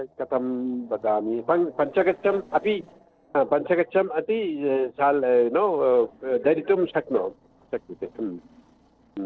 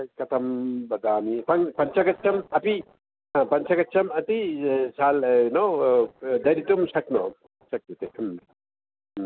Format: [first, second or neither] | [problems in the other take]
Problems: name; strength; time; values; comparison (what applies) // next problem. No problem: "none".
second | noise reduction (neural separator model SepFormer DNS4)